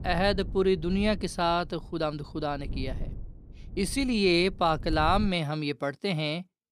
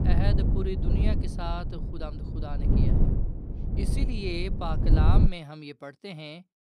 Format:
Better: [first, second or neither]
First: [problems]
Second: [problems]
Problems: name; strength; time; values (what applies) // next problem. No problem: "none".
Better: first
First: low rumble; faint; until 5.5 s; 25 dB below the speech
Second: low rumble; loud; until 5.5 s; 2 dB below the speech